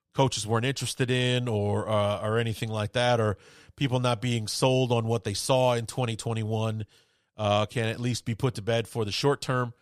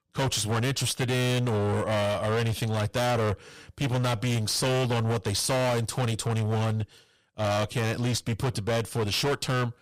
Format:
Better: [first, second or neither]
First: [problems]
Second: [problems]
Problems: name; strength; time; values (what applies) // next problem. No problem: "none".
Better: first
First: none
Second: distortion; heavy; 29% of the sound clipped